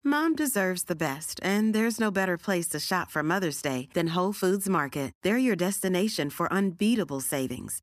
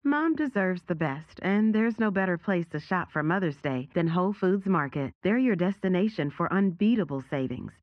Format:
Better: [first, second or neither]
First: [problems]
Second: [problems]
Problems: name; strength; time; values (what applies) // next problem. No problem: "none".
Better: first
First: none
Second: muffled; very; fading above 2.5 kHz